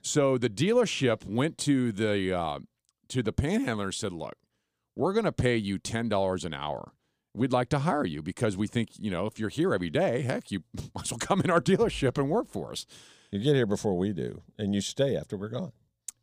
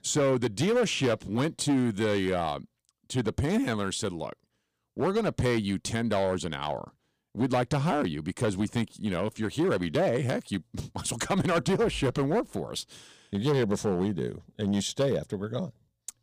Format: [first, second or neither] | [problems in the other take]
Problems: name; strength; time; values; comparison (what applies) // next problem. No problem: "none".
first | distortion; slight; 7% of the sound clipped